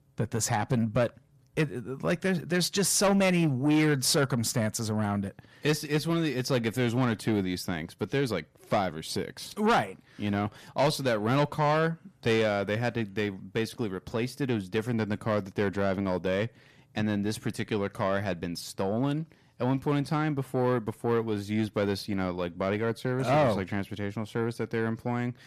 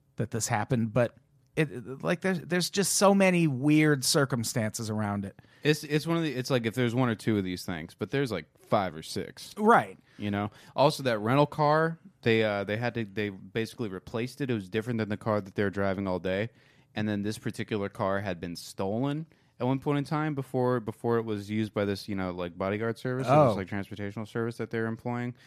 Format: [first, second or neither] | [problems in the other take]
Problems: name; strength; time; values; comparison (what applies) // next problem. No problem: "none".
second | distortion; slight; 10 dB below the speech